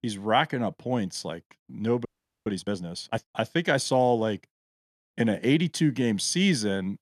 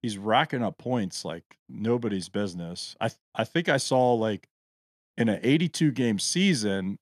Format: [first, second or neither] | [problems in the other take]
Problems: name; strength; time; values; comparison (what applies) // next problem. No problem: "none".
second | audio freezing; at 2 s